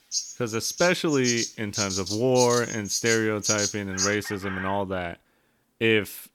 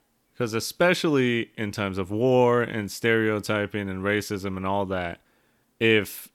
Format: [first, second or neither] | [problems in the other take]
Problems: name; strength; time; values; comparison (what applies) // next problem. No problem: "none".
second | animal sounds; loud; until 4.5 s; 3 dB below the speech